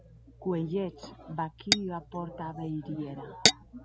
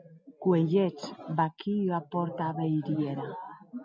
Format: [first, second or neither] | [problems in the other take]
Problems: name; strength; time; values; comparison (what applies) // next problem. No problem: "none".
second | background sound (Tap / Glass); 2 dB above the speech